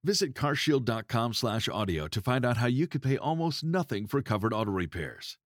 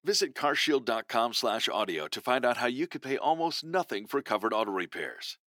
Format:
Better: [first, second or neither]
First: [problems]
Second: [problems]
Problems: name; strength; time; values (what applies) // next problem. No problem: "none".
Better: first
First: none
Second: thin; somewhat; fading below 300 Hz